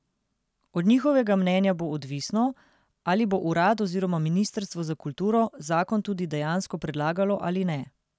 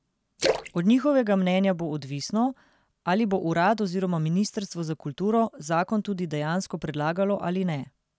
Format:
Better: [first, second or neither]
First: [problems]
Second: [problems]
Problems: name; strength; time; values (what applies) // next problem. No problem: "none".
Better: first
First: none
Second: background sound (Splash, splatter); 7 dB below the speech